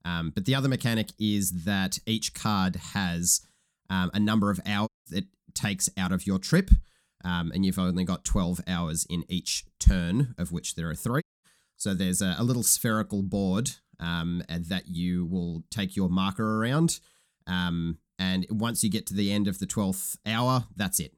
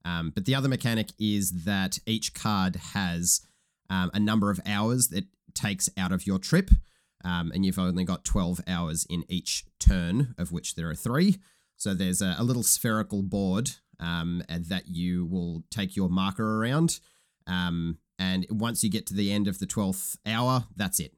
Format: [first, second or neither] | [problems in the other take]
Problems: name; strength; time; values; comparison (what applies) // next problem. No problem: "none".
second | audio cutting out; at 5 s and at 11 s